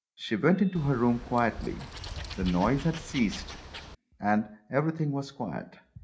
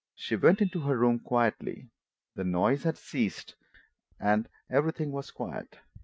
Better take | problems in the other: second | background sound (Wild animals); 11 dB below the speech // room echo; dies away in 0.4 s

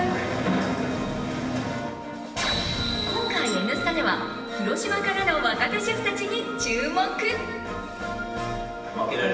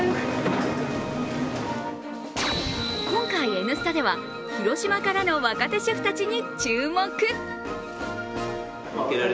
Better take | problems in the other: second | background sound (Tambourine); 16 dB below the speech // room echo; dies away in 1.2 s

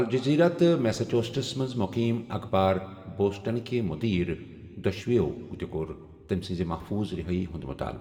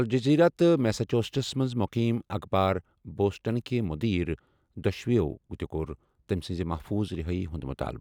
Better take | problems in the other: second | room echo; dies away in 1.6 s

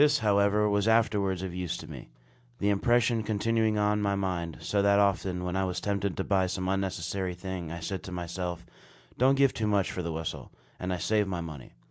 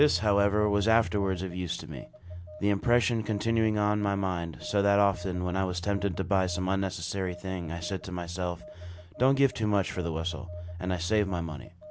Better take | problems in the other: first | background sound (Telephone); 12 dB below the speech

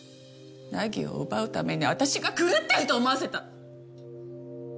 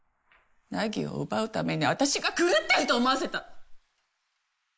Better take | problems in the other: first | noise reduction (neural mask model Resemble Enhance denoiser)

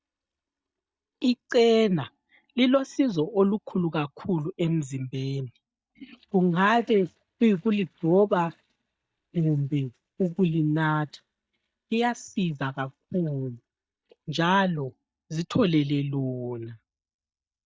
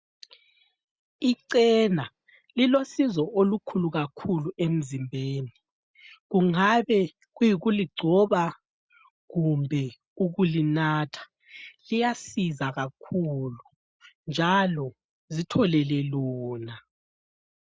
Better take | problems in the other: second | noise reduction (neural mask model DeepFilterNet 3)

